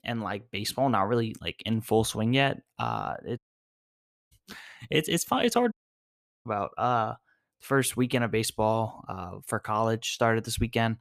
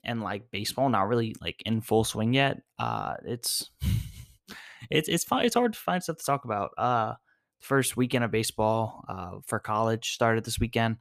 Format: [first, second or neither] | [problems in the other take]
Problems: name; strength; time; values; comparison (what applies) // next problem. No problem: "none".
second | audio cutting out; at 3.5 s for 1 s and at 5.5 s for 0.5 s